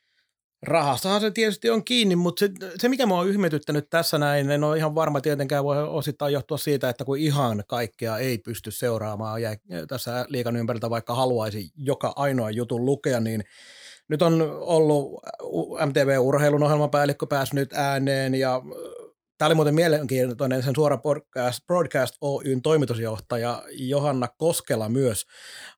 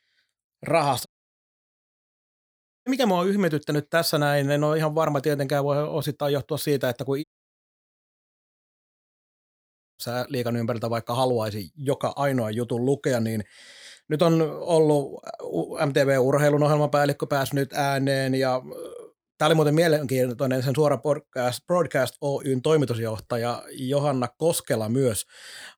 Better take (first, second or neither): first